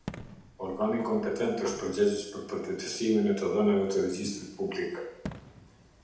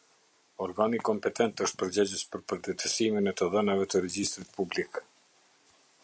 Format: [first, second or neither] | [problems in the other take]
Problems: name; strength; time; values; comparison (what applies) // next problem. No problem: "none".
second | background sound (Fireworks); 18 dB below the speech // room echo; dies away in 0.8 s